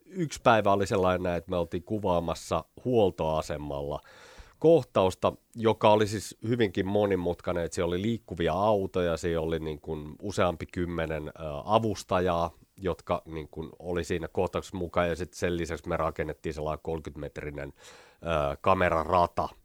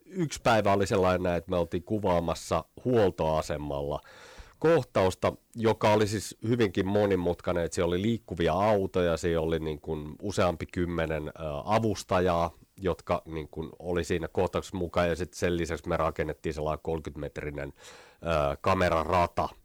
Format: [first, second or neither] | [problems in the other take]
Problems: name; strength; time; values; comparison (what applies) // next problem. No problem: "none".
first | distortion; slight; 4% of the sound clipped